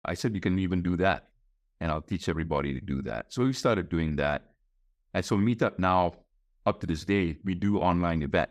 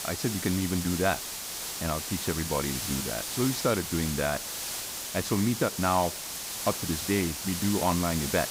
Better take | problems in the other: first | hiss; loud; throughout; 3 dB below the speech

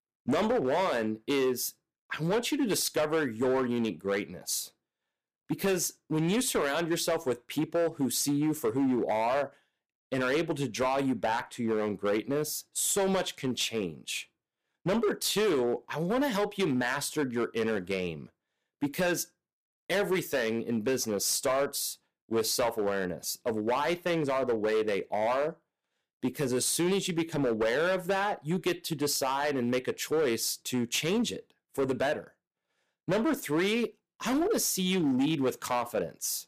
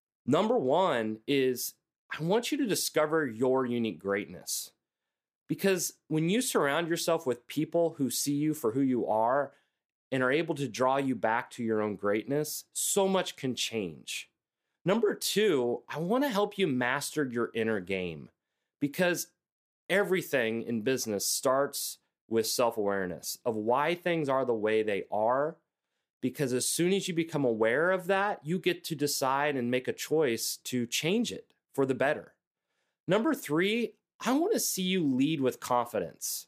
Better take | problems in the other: second | distortion; slight; 10% of the sound clipped

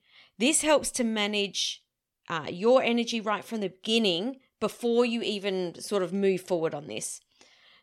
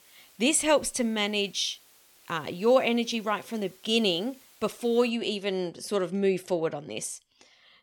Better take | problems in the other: first | hiss; faint; until 5 s; 25 dB below the speech

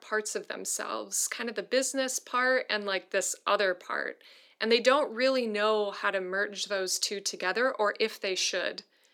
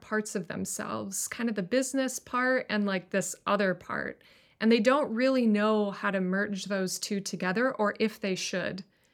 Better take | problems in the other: second | thin; somewhat; fading below 300 Hz

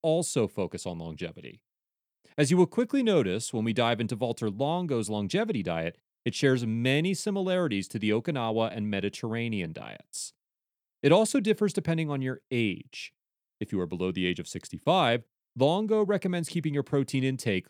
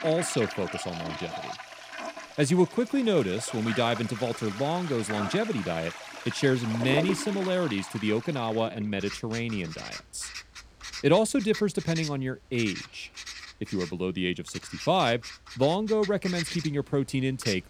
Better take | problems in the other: first | household noises; loud; throughout; 10 dB below the speech

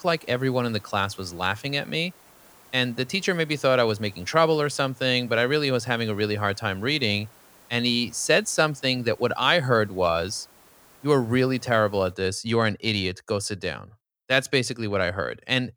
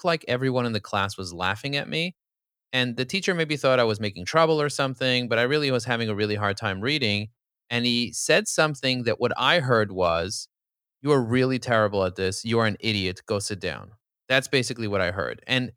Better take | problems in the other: second | hiss; faint; until 12 s; 25 dB below the speech

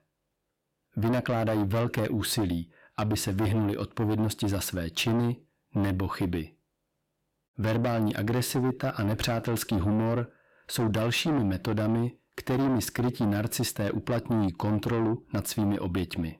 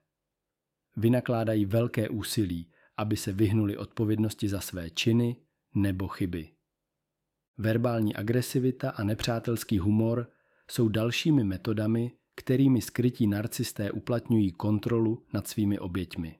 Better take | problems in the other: second | distortion; heavy; 7 dB below the speech

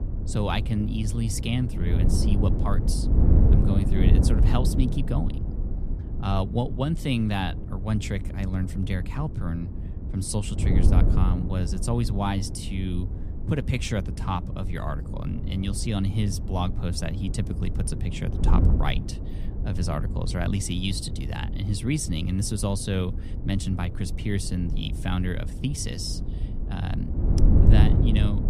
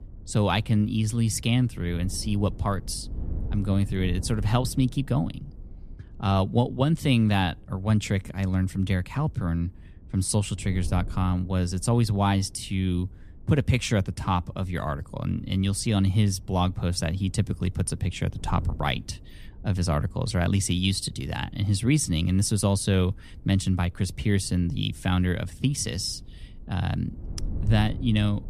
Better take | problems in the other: second | wind noise on the microphone; heavy; 6 dB below the speech; occasional gusts in the second

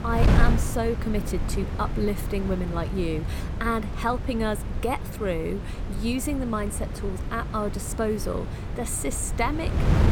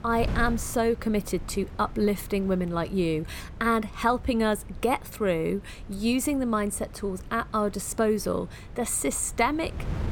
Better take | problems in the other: second | wind noise on the microphone; heavy; 8 dB below the speech; occasional gusts in the second

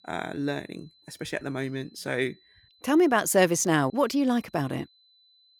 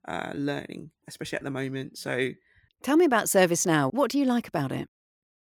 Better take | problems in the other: second | high-pitched whine; faint; throughout; 4 kHz, 35 dB below the speech

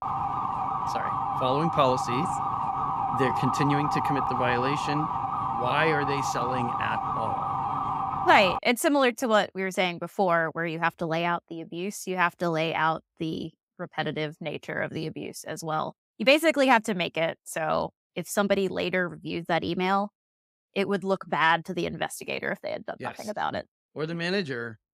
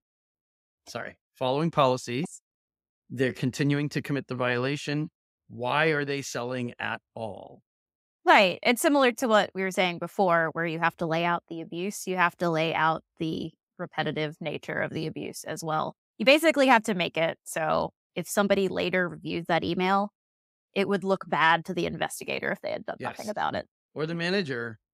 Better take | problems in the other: second | siren; loud; until 8.5 s; peak level with the speech

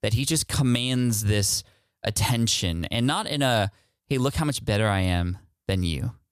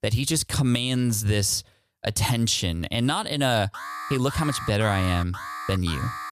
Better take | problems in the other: first | alarm; noticeable; from 3.5 s on; peak 9 dB below the speech

